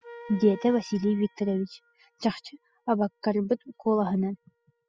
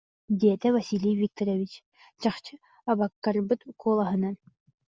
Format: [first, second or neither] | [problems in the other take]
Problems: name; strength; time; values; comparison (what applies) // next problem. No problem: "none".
second | noise reduction (classical method spectral subtraction)